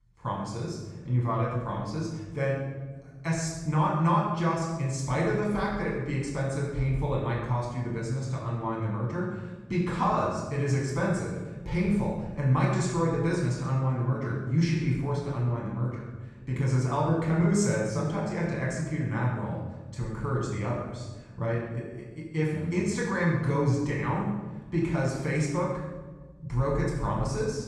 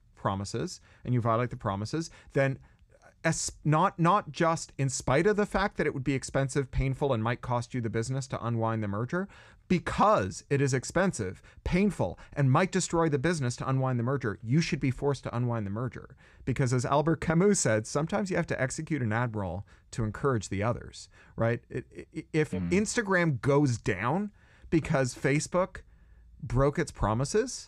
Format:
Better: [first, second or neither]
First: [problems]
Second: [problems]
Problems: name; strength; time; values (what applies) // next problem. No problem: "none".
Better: second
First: off-mic speech; far // room echo; noticeable; dies away in 1.1 s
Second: none